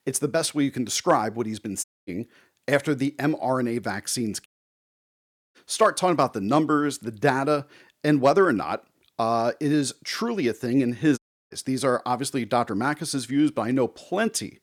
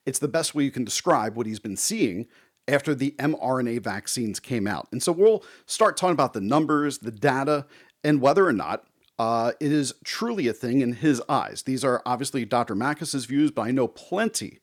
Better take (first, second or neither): second